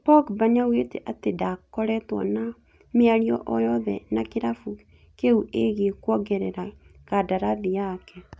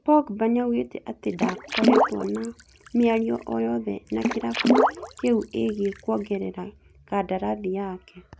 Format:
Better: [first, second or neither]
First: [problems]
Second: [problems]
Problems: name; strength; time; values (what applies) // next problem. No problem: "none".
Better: first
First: none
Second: background sound (Water / Splash, splatter); as loud as the speech